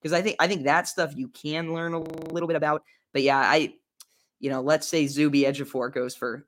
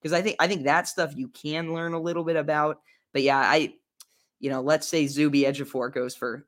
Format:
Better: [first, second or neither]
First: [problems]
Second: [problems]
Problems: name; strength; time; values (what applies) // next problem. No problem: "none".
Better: second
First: audio freezing; at 2 s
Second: none